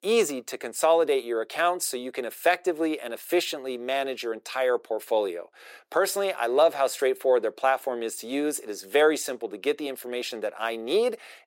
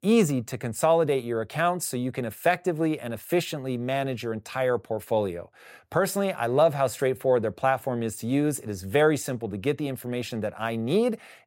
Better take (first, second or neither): second